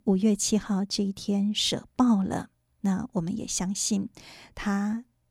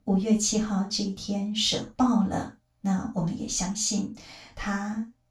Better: first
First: none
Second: room echo; slight; dies away in 0.3 s // off-mic speech; far

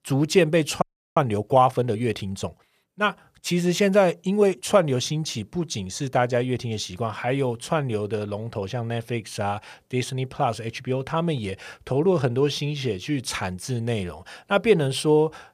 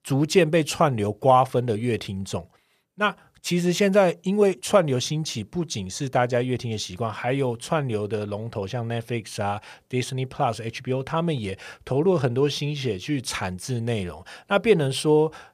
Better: second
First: audio freezing; at 1 s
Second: none

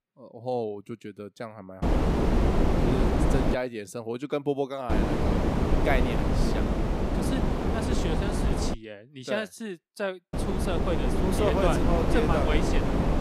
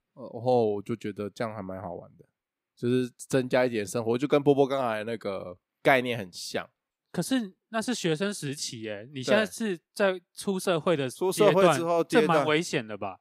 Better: second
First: wind noise on the microphone; heavy; from 2 to 3.5 s, from 5 to 8.5 s and from 10 s on; 1 dB above the speech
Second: none

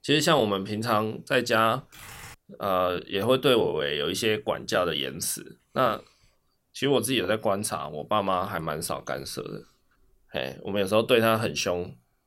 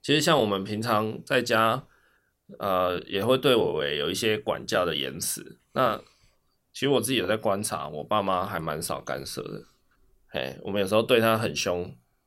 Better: second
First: keyboard typing; faint; at 2 s; peak 15 dB below the speech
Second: none

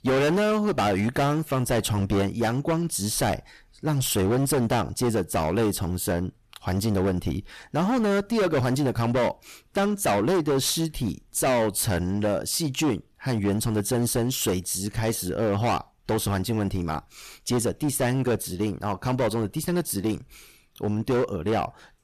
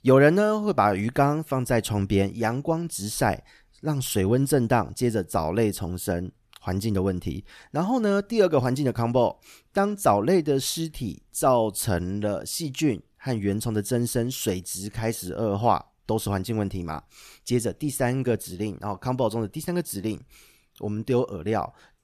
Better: second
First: distortion; heavy; 17% of the sound clipped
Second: none

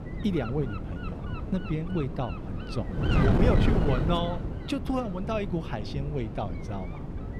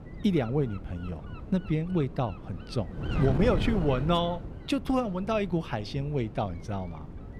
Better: second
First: wind noise on the microphone; heavy; 3 dB below the speech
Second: wind noise on the microphone; occasional gusts; 10 dB below the speech

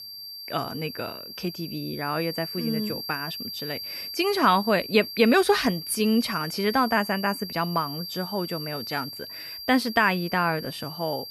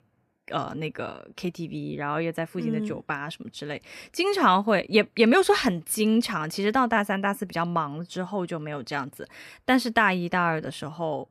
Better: second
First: high-pitched whine; loud; throughout; 4.5 kHz, 9 dB below the speech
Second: none

